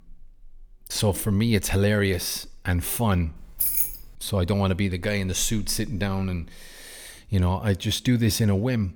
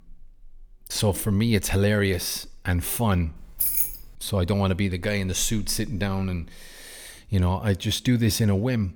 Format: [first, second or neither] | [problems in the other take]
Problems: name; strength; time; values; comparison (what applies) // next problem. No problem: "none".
neither | jangling keys; loud; at 3.5 s; peak 3 dB above the speech; the same in both